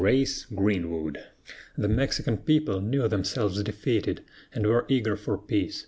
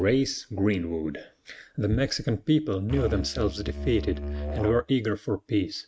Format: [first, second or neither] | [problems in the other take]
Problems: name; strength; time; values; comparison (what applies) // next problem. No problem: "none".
first | noise reduction (neural mask model RNNoise)